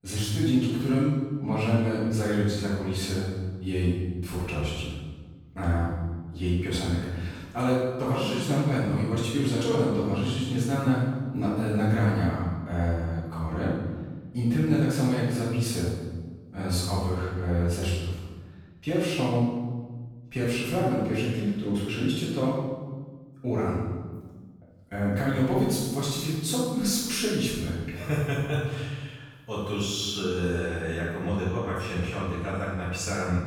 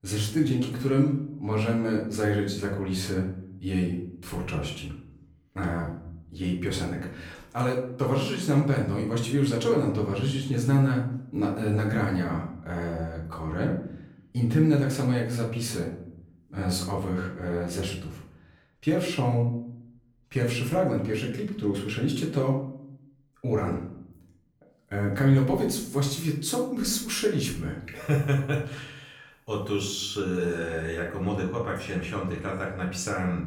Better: second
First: room echo; strong; dies away in 1.2 s // off-mic speech; far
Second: room echo; slight; dies away in 0.6 s // off-mic speech; far

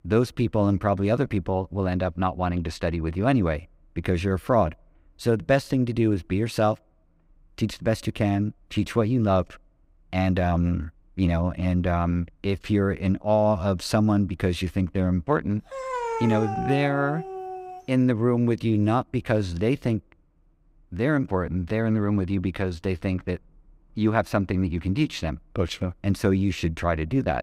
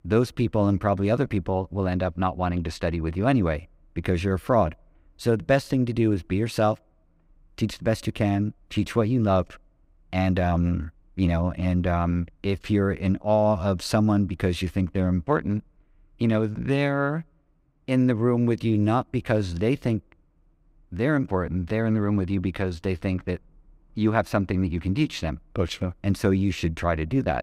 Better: second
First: dog barking; noticeable; from 16 to 18 s; peak 4 dB below the speech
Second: none

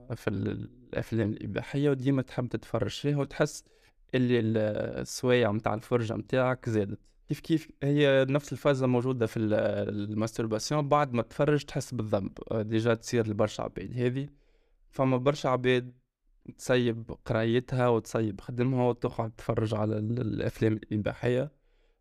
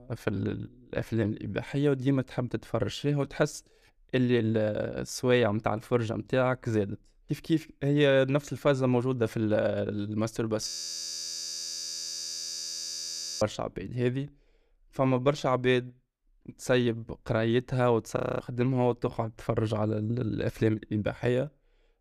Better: first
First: none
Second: audio freezing; at 11 s for 2.5 s and at 18 s

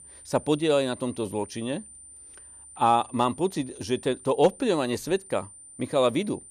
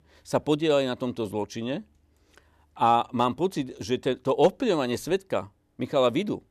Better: second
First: high-pitched whine; noticeable; throughout; 9 kHz, 20 dB below the speech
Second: none

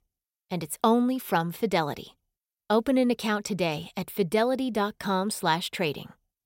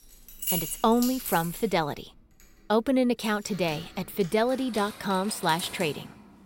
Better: first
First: none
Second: household noises; loud; throughout; 8 dB below the speech

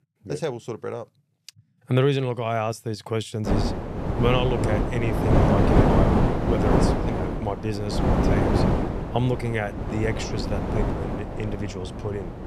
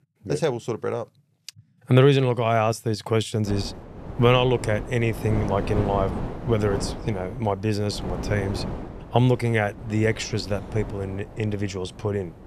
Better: second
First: wind noise on the microphone; heavy; from 3.5 s on; 2 dB above the speech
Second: wind noise on the microphone; occasional gusts; from 3.5 s on; 10 dB below the speech

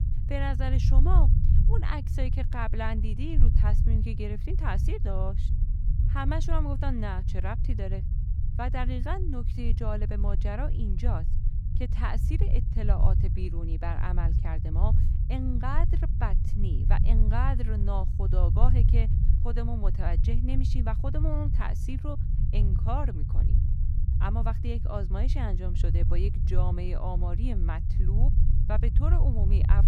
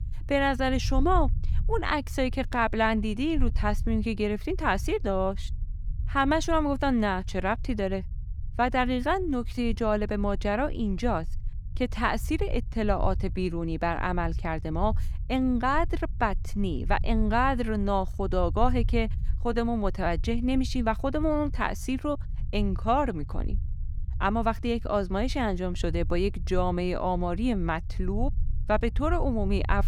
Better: second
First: low rumble; loud; throughout; 7 dB below the speech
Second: low rumble; faint; throughout; 25 dB below the speech

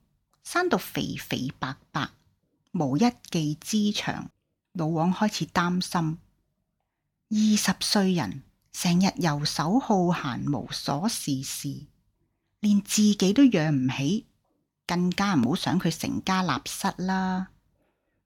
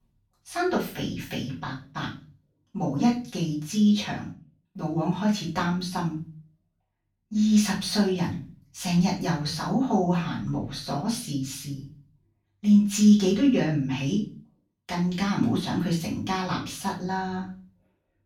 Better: first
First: none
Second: off-mic speech; far // room echo; slight; dies away in 0.3 s

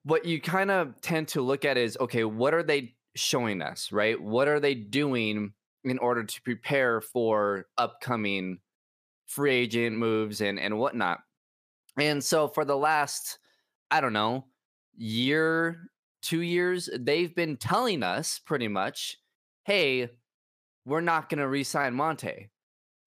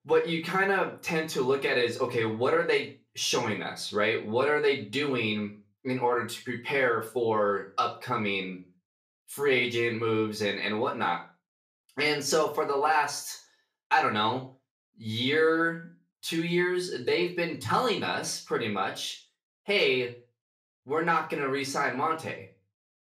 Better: first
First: none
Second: room echo; slight; dies away in 0.3 s // off-mic speech; far

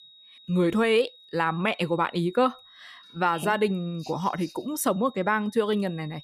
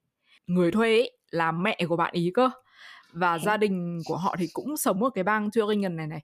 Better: second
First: high-pitched whine; faint; throughout; 4 kHz, 25 dB below the speech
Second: none

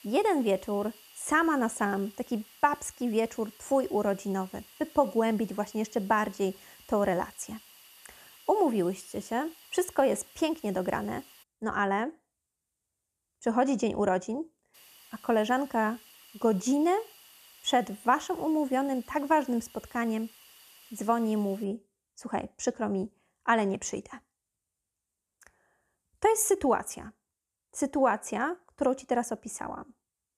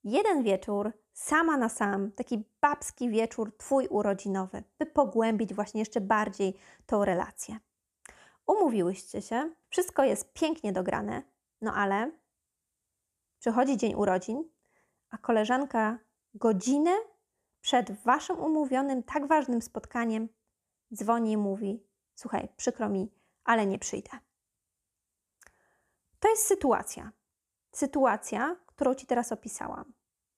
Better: second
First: hiss; faint; until 11 s and from 15 to 22 s; 25 dB below the speech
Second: none

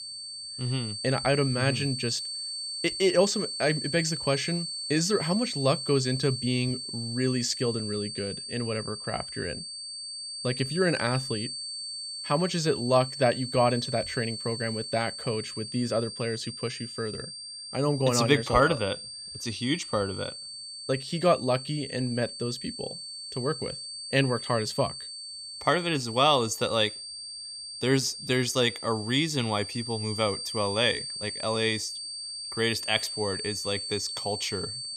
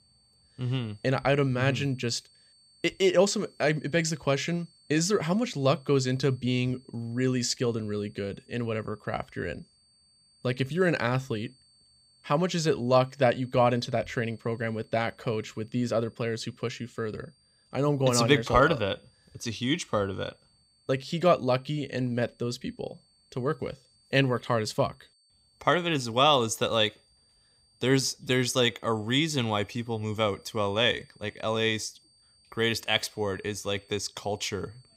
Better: second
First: high-pitched whine; loud; throughout; 4.5 kHz, 6 dB below the speech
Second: high-pitched whine; faint; throughout; 4.5 kHz, 30 dB below the speech

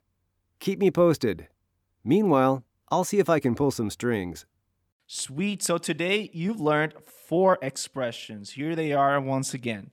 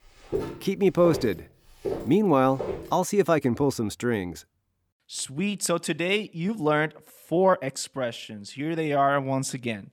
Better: first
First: none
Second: footsteps; noticeable; until 3 s; peak 7 dB below the speech

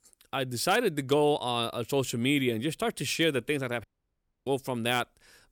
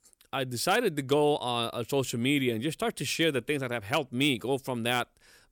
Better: second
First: audio cutting out; at 4 s for 0.5 s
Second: none

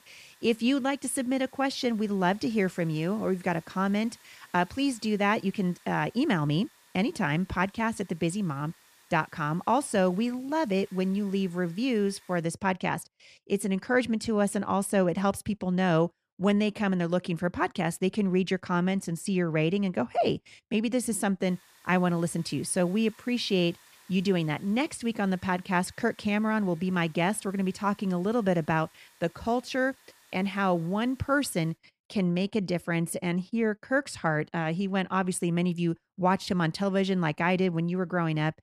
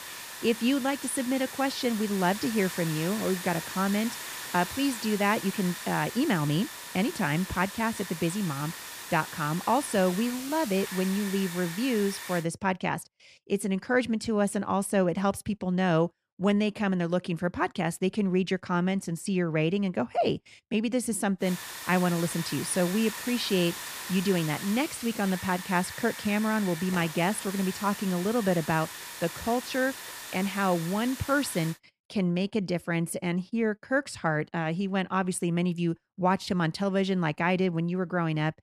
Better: first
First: hiss; faint; until 12 s and from 21 to 32 s; 30 dB below the speech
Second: hiss; loud; until 12 s and from 21 to 32 s; 9 dB below the speech

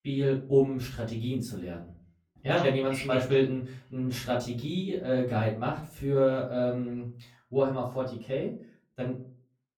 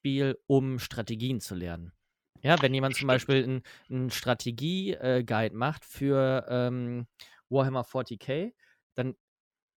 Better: second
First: room echo; slight; dies away in 0.3 s // off-mic speech; far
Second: none

